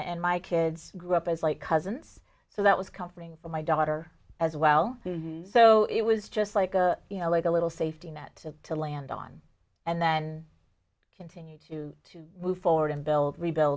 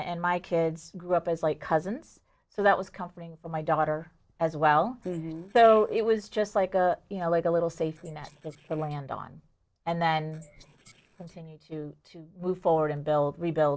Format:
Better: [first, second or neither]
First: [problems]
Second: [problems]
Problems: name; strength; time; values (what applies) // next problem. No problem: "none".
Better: first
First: none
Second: noise reduction (neural separator model SepFormer DNS4)